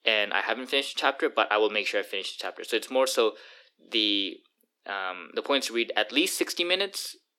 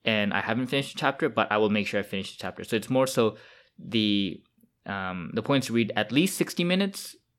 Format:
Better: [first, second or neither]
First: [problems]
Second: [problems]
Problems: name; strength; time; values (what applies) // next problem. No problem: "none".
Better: second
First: thin; somewhat; fading below 300 Hz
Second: none